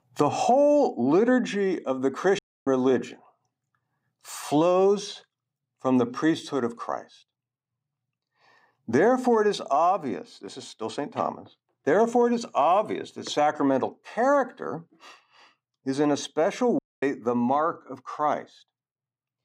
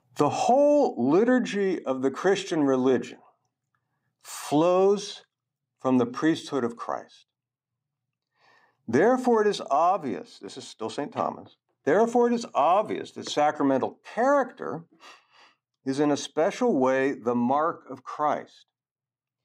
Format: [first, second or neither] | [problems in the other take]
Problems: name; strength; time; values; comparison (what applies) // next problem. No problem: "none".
second | audio cutting out; at 2.5 s and at 17 s